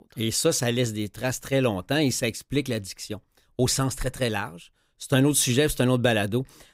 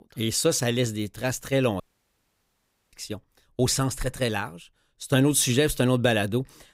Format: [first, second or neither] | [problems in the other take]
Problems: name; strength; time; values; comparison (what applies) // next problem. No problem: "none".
first | audio cutting out; at 2 s for 1 s